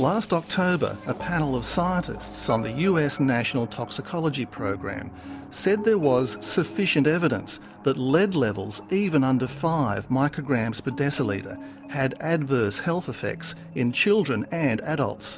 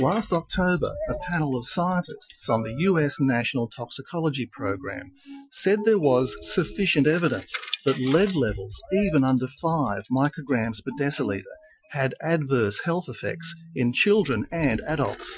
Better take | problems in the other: first | noise reduction (classical method Wiener filter)

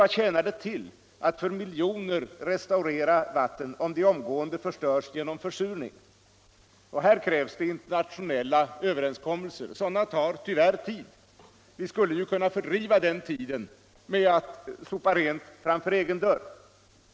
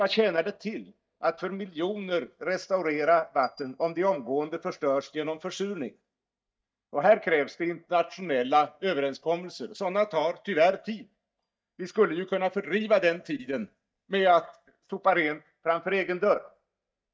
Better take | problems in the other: first | noise reduction (neural mask model DeepFilterNet 3)

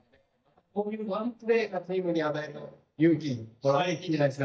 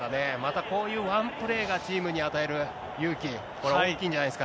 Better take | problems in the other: second | noise reduction (neural mask model DeepFilterNet 3)

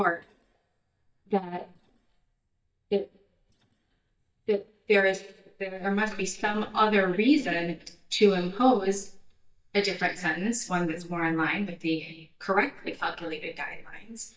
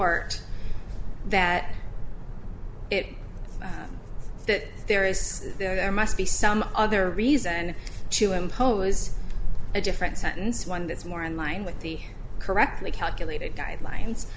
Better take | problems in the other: second | noise reduction (neural mask model DeepFilterNet 3)

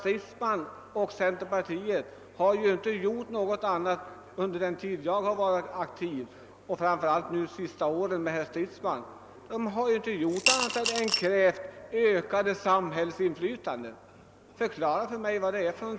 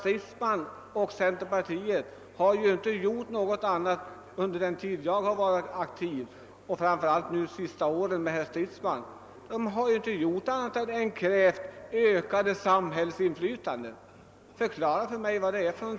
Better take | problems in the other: second | background sound (Coin (dropping) / Glass); as loud as the speech

